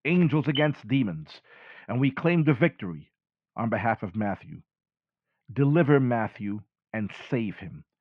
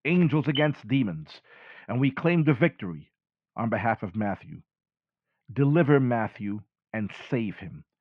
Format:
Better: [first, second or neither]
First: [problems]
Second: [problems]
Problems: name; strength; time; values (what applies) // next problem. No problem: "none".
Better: neither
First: muffled; very; fading above 2.5 kHz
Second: muffled; very; fading above 2.5 kHz